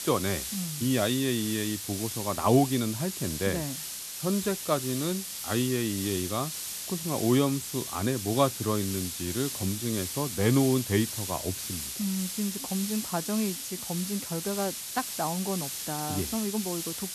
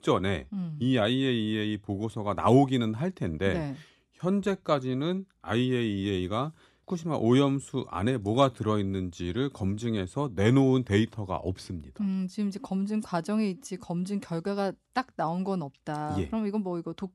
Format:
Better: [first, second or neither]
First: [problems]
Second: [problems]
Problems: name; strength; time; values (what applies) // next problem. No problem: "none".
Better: second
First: hiss; loud; throughout; 4 dB below the speech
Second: none